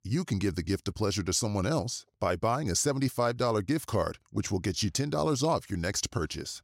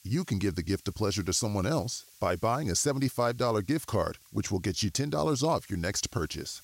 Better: first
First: none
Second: hiss; faint; throughout; 25 dB below the speech

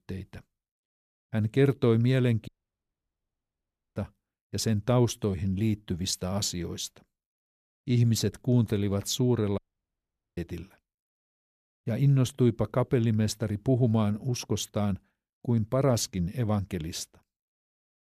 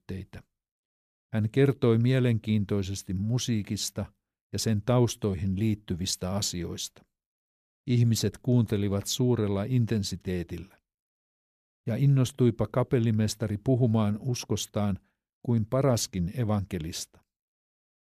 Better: second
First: audio cutting out; at 2.5 s for 1.5 s and at 9.5 s for 1 s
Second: none

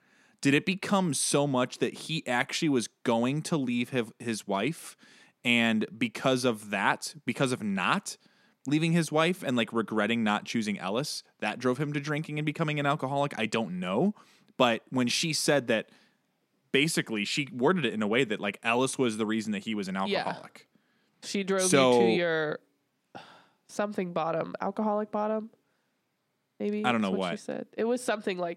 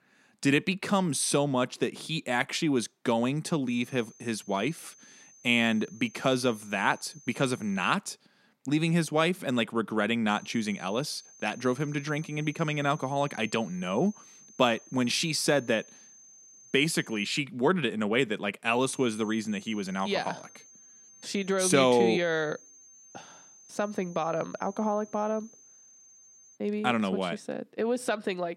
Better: first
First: none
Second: high-pitched whine; faint; from 3.5 to 8 s, from 10 to 17 s and from 19 to 27 s; 6.5 kHz, 25 dB below the speech

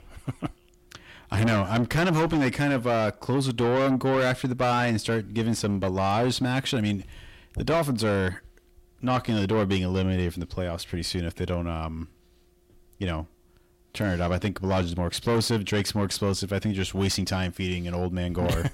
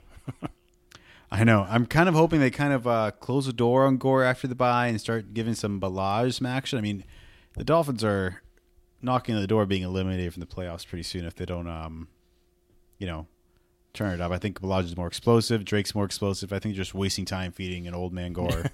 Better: second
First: distortion; heavy; 7 dB below the speech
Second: none

